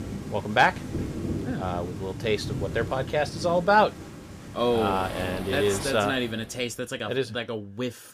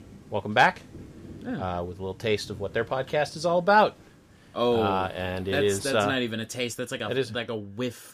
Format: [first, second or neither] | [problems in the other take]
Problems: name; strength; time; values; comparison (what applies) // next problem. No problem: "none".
second | rain or running water; loud; until 6 s; 9 dB below the speech; faint in the second